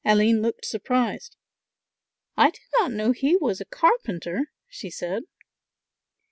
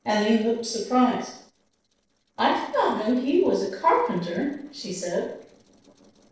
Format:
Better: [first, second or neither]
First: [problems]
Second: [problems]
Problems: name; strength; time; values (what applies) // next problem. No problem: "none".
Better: first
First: none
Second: noise reduction (neural separator model SepFormer DNS4)